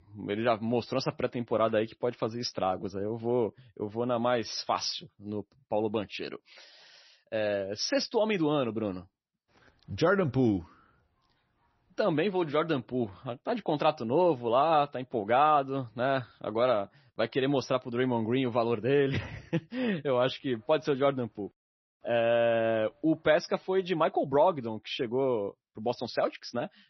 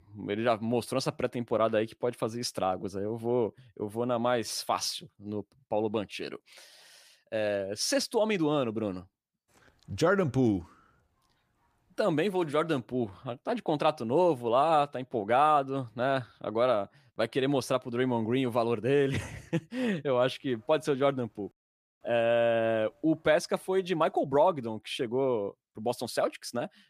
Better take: second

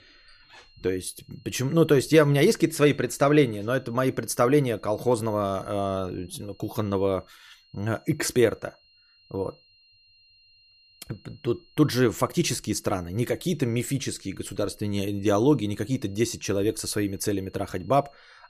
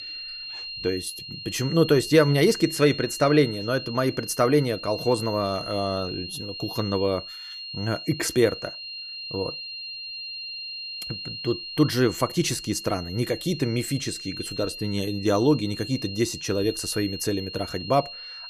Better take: first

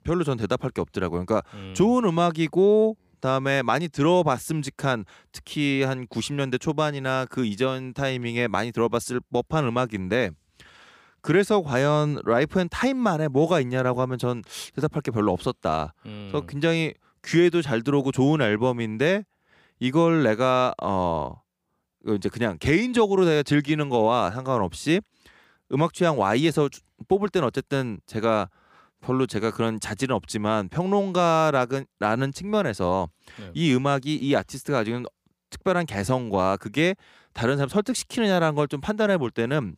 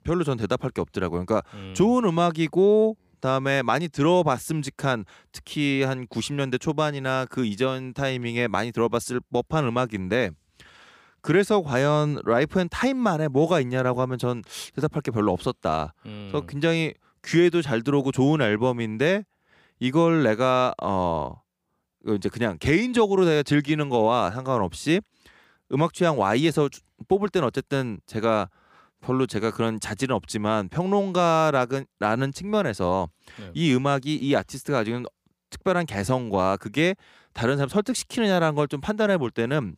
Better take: neither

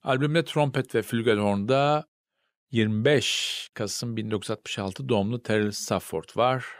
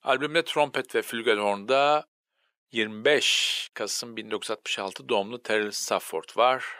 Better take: first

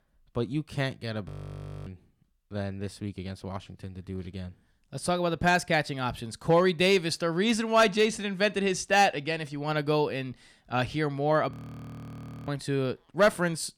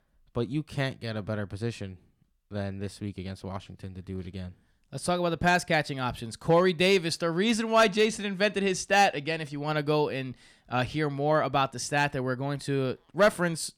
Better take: second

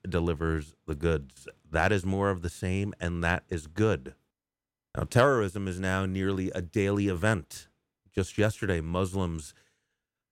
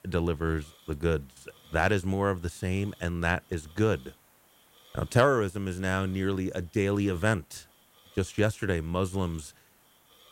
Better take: first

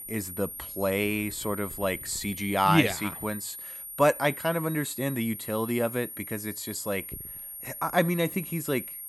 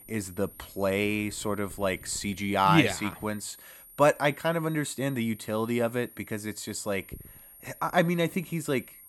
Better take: second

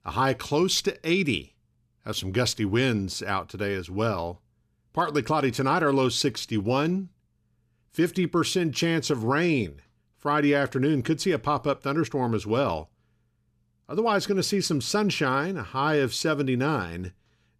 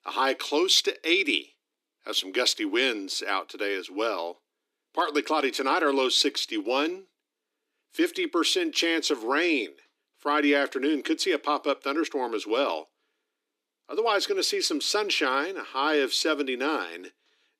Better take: first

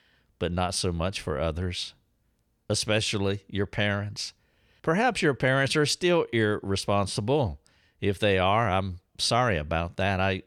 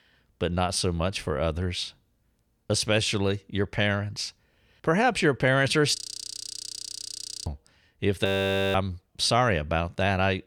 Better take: first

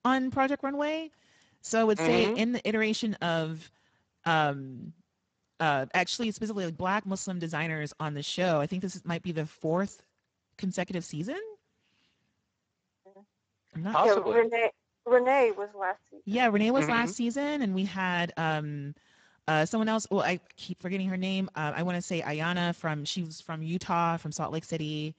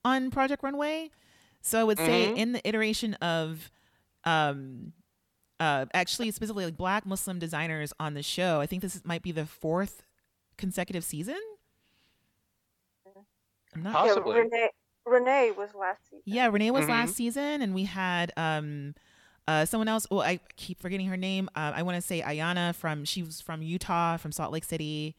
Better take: second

